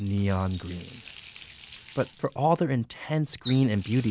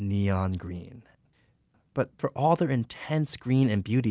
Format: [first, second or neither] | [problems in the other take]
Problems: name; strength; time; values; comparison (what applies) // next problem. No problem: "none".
second | background sound (Water tap, faucet); 20 dB below the speech